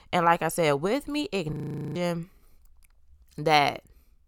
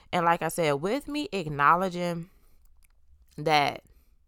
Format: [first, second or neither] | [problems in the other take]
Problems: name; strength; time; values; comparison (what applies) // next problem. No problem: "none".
second | audio freezing; at 1.5 s